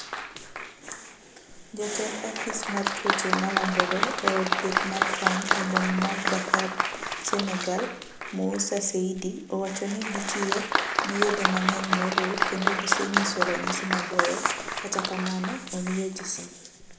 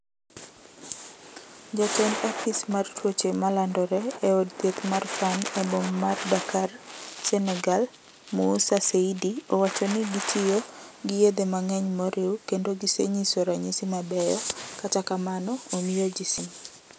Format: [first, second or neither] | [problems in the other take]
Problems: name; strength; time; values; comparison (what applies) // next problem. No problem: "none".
second | background sound (Applause); 1 dB above the speech // room echo; dies away in 0.7 s